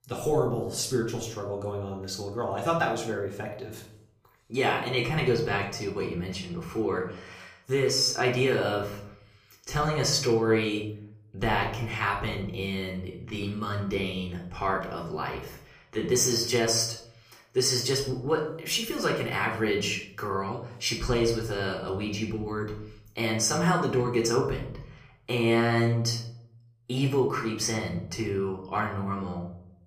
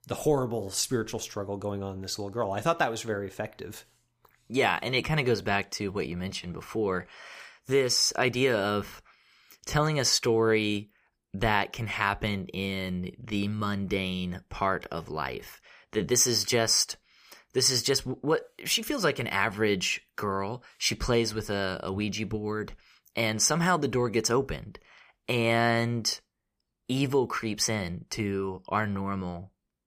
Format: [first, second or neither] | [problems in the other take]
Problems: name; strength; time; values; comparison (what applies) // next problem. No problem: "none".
second | room echo; slight; dies away in 0.6 s // off-mic speech; somewhat distant